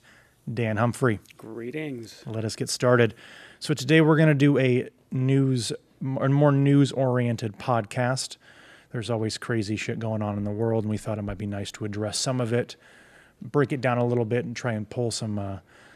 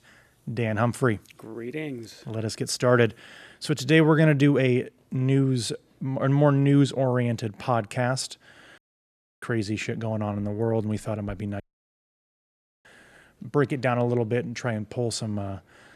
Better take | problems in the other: first | audio cutting out; at 9 s for 0.5 s and at 12 s for 1.5 s

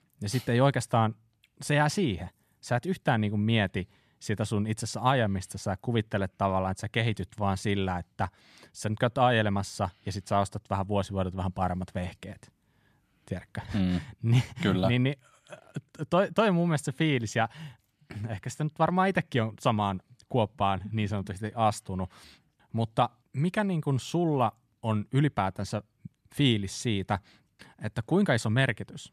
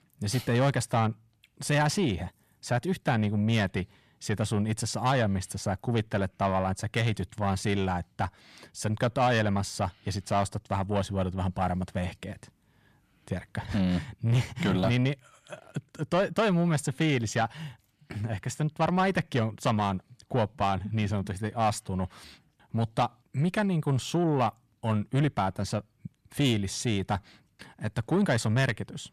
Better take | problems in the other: first | distortion; slight; 10 dB below the speech

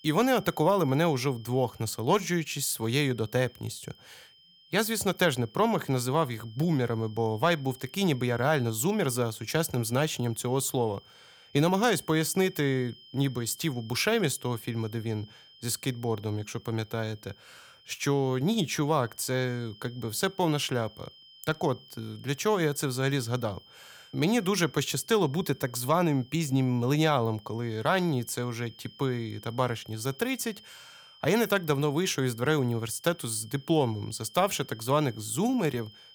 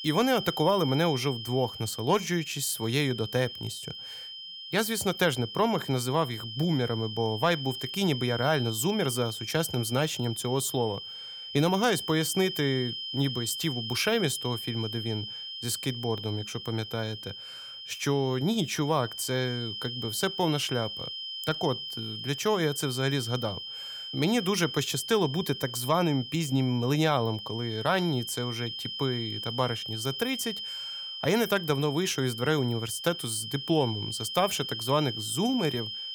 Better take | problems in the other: first | high-pitched whine; loud; throughout; 3 kHz, 7 dB below the speech; faint in the first

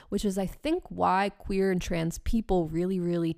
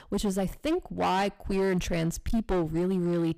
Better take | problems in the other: first | distortion; slight; 16% of the sound clipped

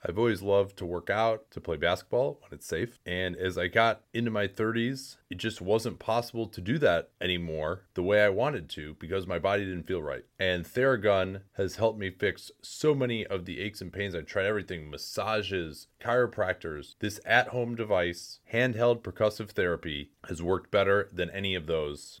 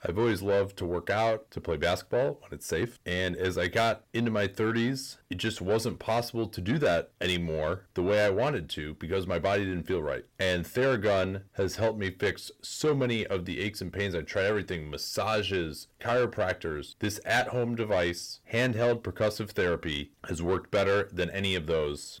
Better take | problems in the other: first | distortion; slight; 10 dB below the speech

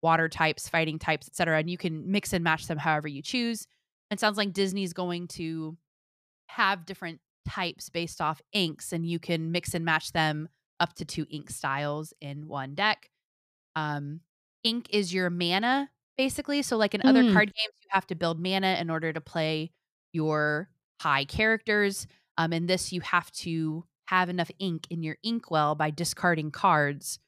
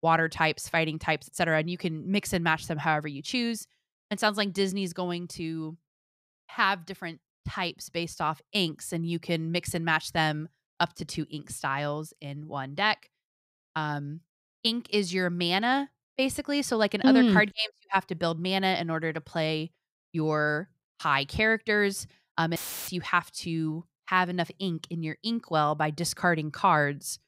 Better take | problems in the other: first | audio cutting out; filled with static; at 23 s

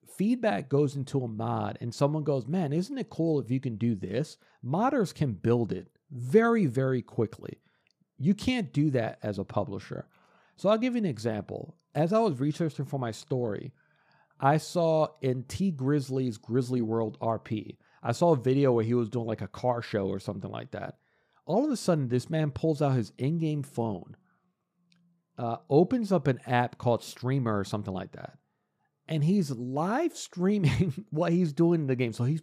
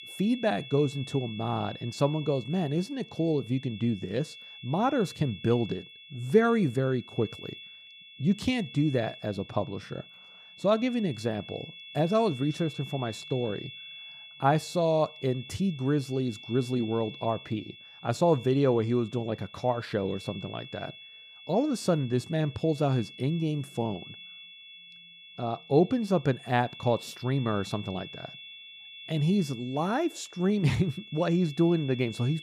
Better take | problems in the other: first | high-pitched whine; noticeable; throughout; 3.5 kHz, 15 dB below the speech

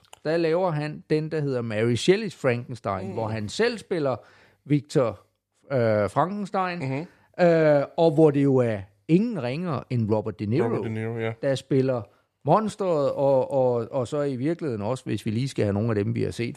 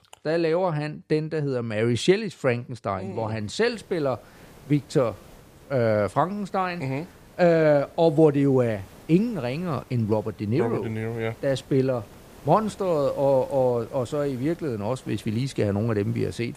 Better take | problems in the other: first | hiss; faint; from 3.5 s on; 25 dB below the speech

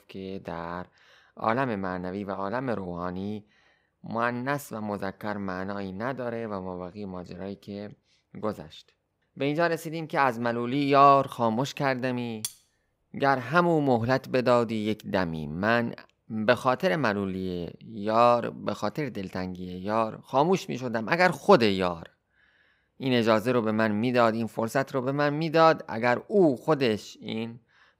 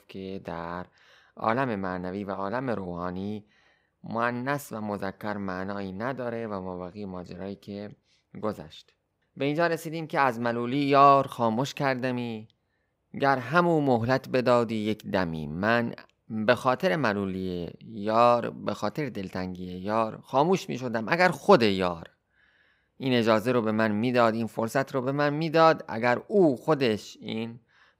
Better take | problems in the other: second | clattering dishes; noticeable; at 12 s; peak 10 dB below the speech

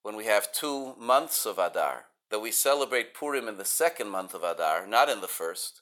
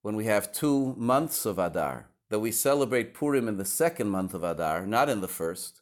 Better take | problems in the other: second | thin; very; fading below 650 Hz

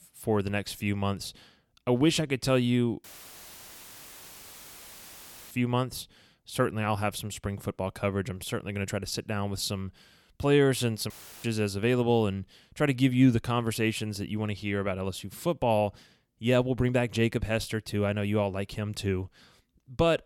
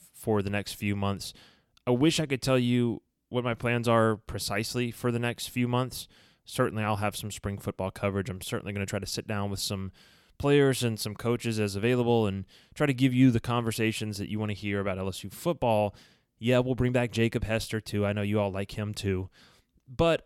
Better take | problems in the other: second | audio cutting out; filled with static; at 3 s for 2.5 s and at 11 s

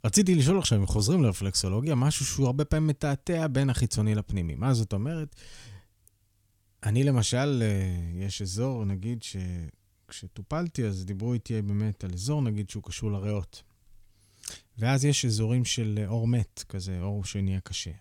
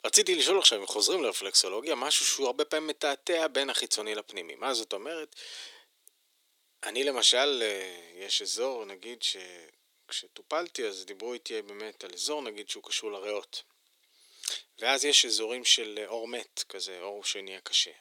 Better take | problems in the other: first | thin; very; fading below 350 Hz

